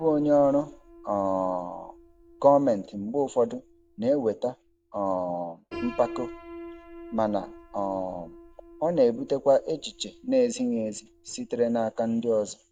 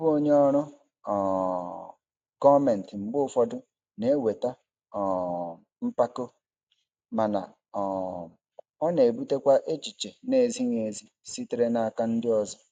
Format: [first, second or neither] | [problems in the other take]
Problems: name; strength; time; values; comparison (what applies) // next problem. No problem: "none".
second | background sound (Piano); 19 dB below the speech